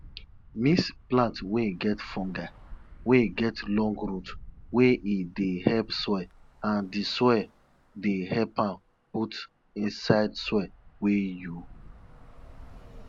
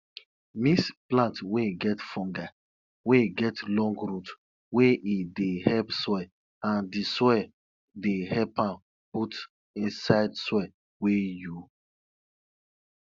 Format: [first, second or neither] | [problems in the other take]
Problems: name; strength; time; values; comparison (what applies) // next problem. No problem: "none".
second | background sound (Traffic noise, roadway noise / Bus); 20 dB below the speech